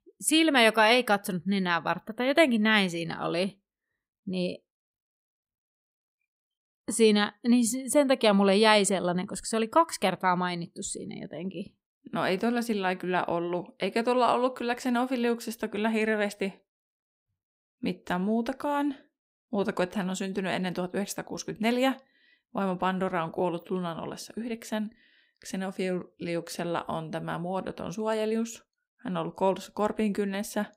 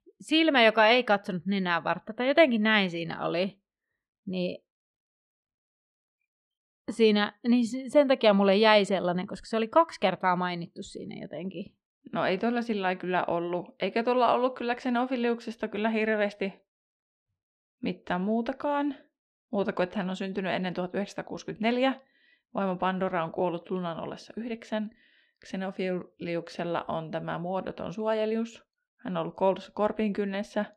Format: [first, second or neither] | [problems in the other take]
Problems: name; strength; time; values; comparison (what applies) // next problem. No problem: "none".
first | muffled; very slightly; fading above 3.5 kHz